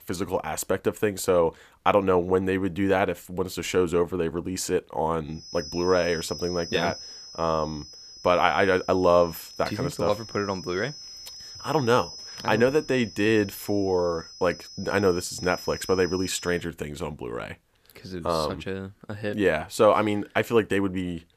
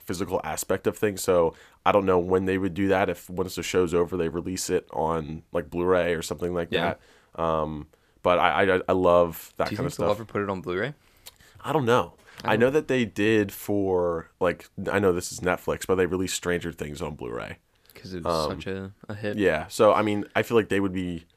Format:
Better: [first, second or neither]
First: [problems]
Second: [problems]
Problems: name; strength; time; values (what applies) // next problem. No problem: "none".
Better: second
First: high-pitched whine; noticeable; from 5.5 to 17 s; 5 kHz, 15 dB below the speech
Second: none